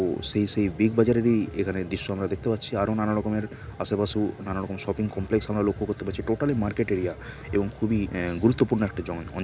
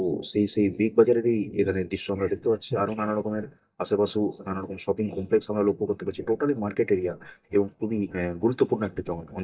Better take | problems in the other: first | noise reduction (neural mask model DeepFilterNet 3)

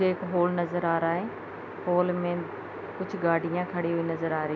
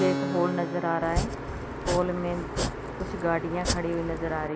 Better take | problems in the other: first | background sound (Domestic sounds, home sounds + Keyboard (musical)); 3 dB below the speech

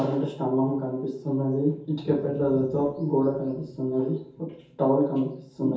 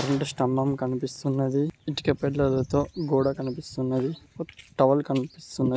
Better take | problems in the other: second | room echo; dies away in 0.6 s

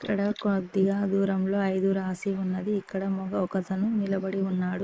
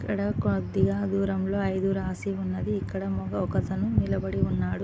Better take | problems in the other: second | noise reduction (neural mask model Resemble Enhance denoiser)

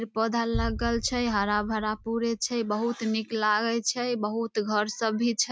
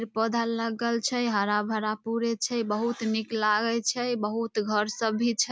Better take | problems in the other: second | noise reduction (neural mask model RNNoise)

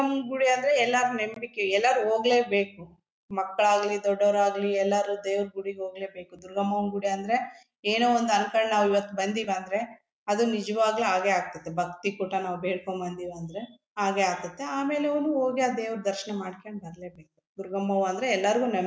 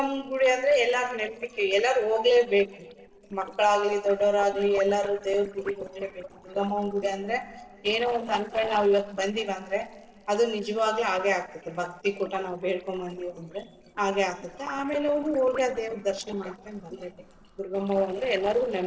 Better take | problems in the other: first | noise reduction (neural separator model SepFormer DNS4)

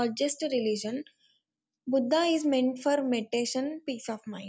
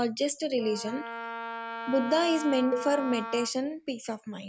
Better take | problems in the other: first | background sound (Wind instrument, woodwind instrument + Cowbell); 8 dB below the speech

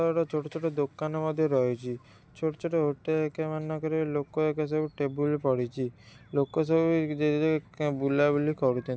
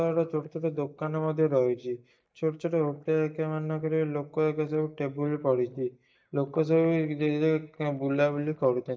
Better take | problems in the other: first | noise reduction (neural mask model DeepFilterNet 3)

